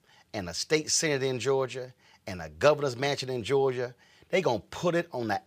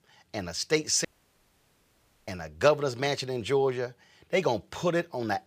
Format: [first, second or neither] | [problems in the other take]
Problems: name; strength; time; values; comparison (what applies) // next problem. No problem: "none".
first | audio cutting out; at 1 s for 1 s